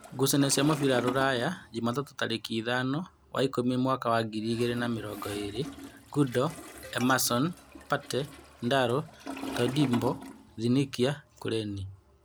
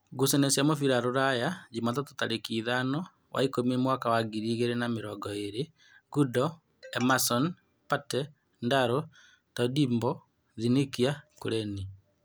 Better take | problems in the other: second | background sound (Toilet flush); 13 dB below the speech

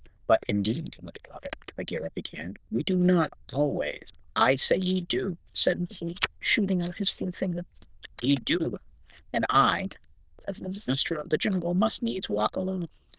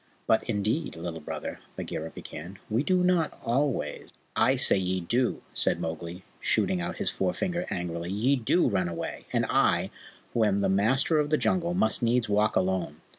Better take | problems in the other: second | noise reduction (neural diffusion model UNIVERSE++)

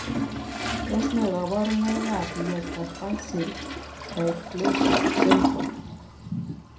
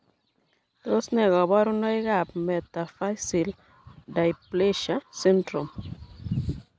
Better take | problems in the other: second | background sound (Toilet flush); 1 dB above the speech // room echo; dies away in 0.4 s

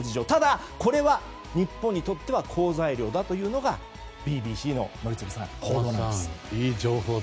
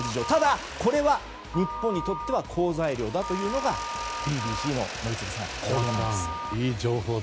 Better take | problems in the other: first | background sound (Telephone + Mechanisms); 8 dB below the speech

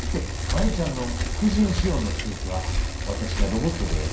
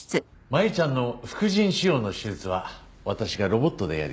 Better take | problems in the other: second | background sound (Bicycle); 2 dB above the speech // room echo; dies away in 0.5 s

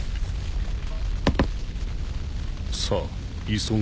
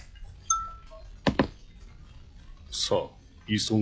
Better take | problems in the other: first | noise reduction (classical method log-MMSE)

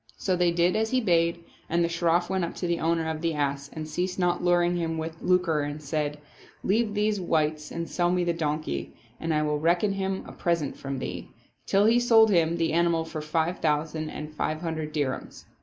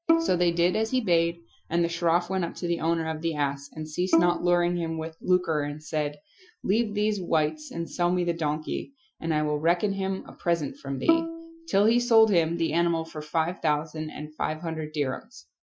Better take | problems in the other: first | noise reduction (classical method Wiener filter)

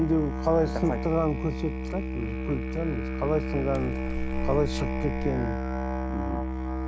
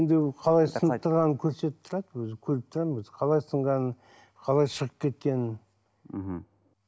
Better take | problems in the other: second | background sound (Musical instrument + Splash, splatter); 1 dB below the speech

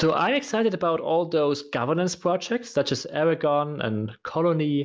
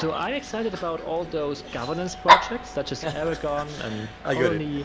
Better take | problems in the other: first | background sound (Dog); 2 dB above the speech

